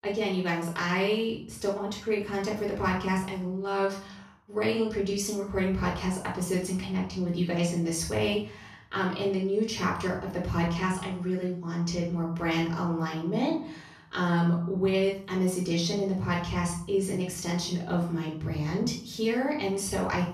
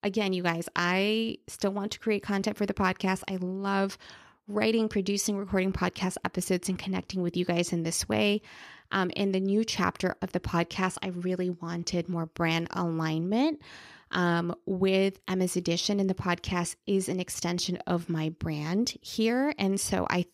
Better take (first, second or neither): second